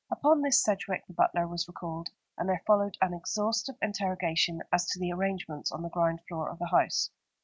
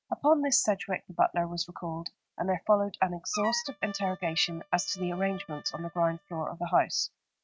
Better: first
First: none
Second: noise reduction (neural mask model RNNoise)

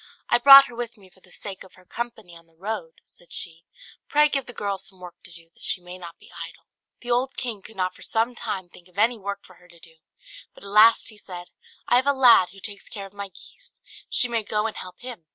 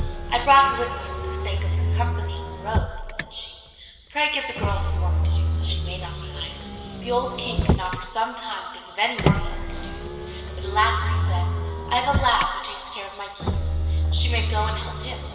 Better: first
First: none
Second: background sound (Motor vehicle (road)); 1 dB above the speech // room echo; dies away in 2.5 s

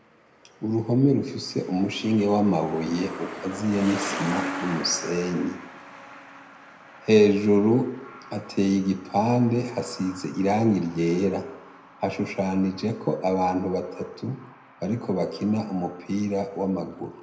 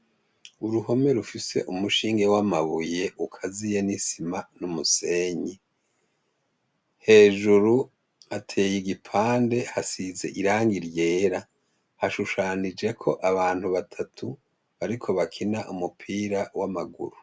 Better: second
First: background sound (Truck); 14 dB below the speech // room echo; dies away in 0.7 s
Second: none

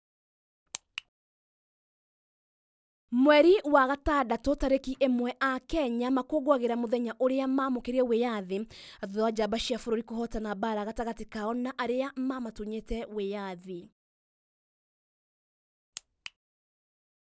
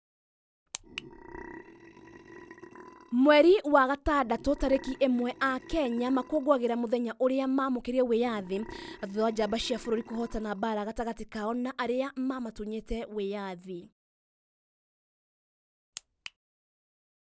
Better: first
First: none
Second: background sound (Burping, eructation); 19 dB below the speech

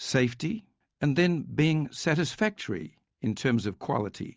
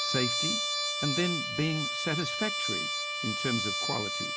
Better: first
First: none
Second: background sound (Trumpet); 2 dB above the speech

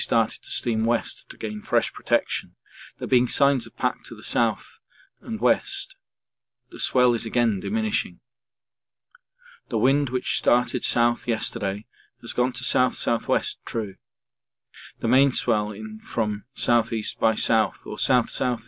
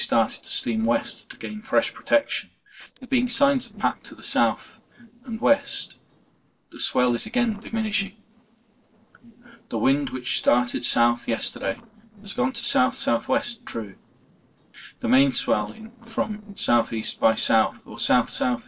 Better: first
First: none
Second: noise reduction (neural separator model SepFormer DNS4)

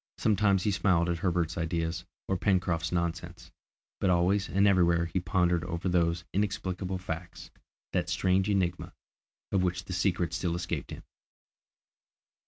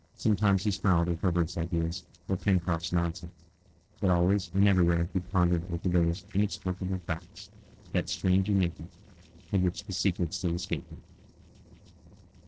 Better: first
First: none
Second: noise reduction (neural separator model SepFormer DNS4)

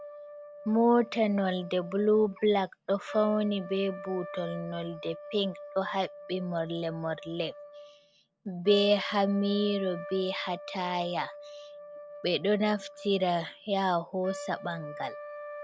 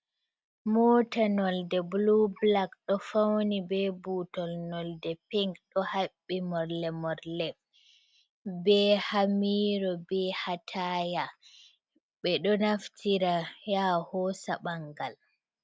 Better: second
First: background sound (Trumpet); 14 dB below the speech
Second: none

